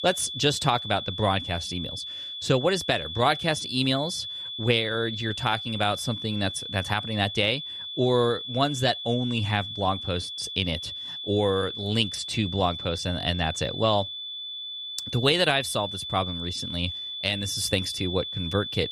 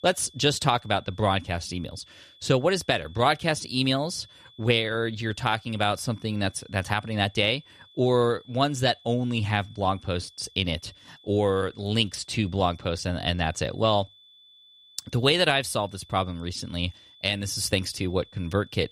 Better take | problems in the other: second | high-pitched whine; loud; throughout; 3.5 kHz, 6 dB below the speech; faint in the second

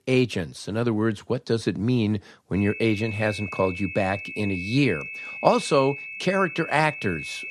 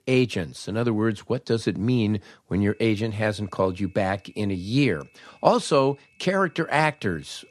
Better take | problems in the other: second | high-pitched whine; loud; from 2.5 s on; 2.5 kHz, 9 dB below the speech; faint in the second

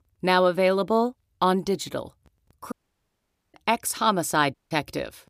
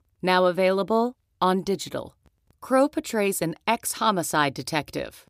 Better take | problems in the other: second | audio cutting out; at 2.5 s for 1 s and at 4.5 s

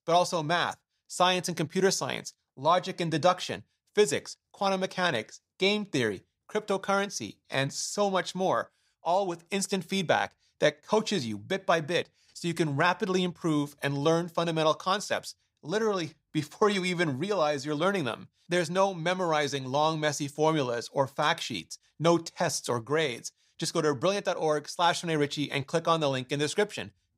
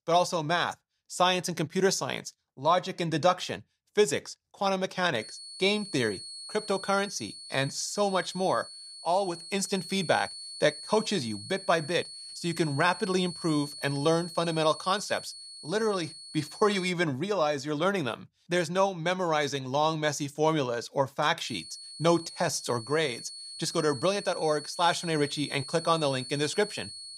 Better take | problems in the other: first | high-pitched whine; noticeable; from 5 to 17 s and from 21 s on; 4.5 kHz, 10 dB below the speech

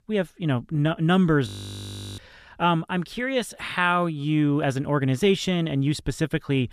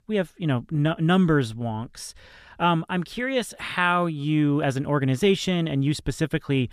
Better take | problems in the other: second | audio freezing; at 1.5 s for 0.5 s

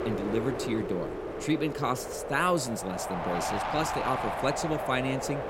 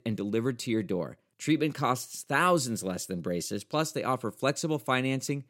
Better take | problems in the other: second | wind noise on the microphone; heavy; 1 dB below the speech

